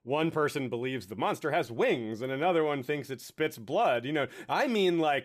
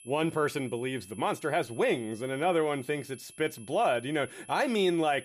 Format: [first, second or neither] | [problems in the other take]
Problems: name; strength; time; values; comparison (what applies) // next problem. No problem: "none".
first | high-pitched whine; noticeable; throughout; 11 kHz, 20 dB below the speech